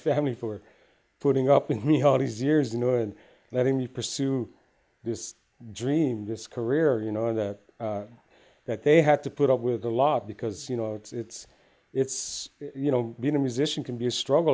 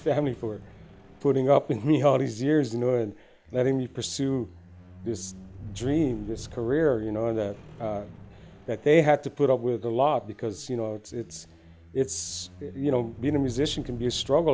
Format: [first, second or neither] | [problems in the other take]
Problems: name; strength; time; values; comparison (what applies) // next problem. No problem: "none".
first | background sound (Squeak); 18 dB below the speech